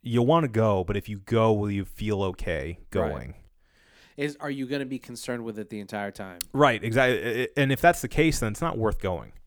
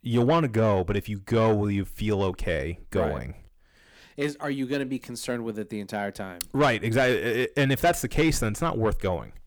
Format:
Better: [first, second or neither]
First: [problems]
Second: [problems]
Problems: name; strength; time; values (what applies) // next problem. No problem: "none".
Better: first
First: none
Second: distortion; slight; 10 dB below the speech